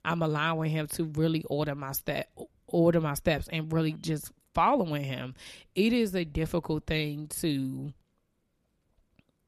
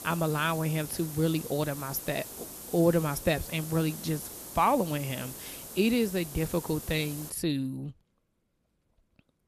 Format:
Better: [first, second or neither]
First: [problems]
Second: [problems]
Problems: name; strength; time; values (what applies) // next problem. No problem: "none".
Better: first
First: none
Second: hiss; noticeable; until 7.5 s; 10 dB below the speech